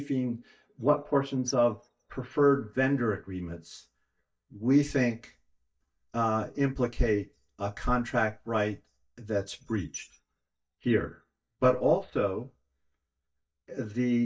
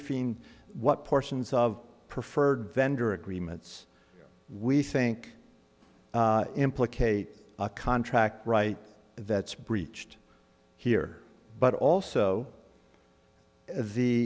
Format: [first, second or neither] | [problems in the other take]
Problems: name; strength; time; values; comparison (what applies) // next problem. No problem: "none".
second | noise reduction (neural mask model DeepFilterNet 3)